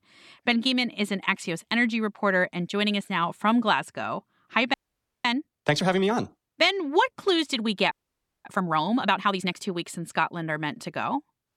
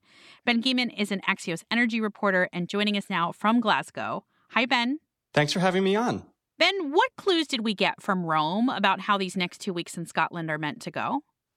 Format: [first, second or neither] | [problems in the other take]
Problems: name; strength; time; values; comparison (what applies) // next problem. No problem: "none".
second | audio freezing; at 4.5 s for 0.5 s and at 8 s for 0.5 s